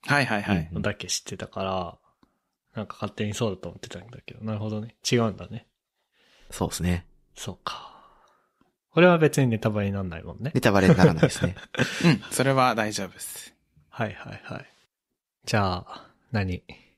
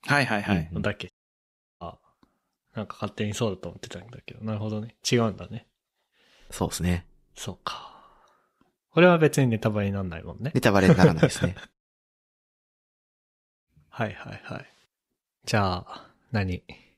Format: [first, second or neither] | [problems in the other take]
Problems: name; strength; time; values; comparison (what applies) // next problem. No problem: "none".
first | audio cutting out; at 1 s for 0.5 s and at 12 s for 2 s